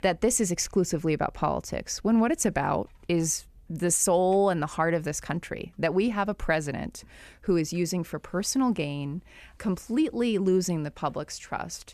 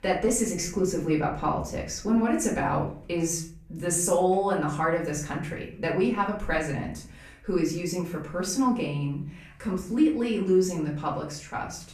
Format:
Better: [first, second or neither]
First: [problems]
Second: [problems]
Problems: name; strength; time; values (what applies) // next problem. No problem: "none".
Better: first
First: none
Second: room echo; slight; dies away in 0.4 s // off-mic speech; far